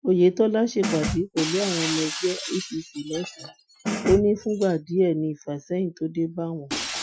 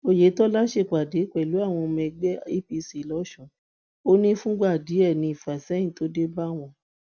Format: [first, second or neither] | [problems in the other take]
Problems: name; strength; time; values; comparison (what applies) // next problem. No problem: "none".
second | noise reduction (classical method Wiener filter)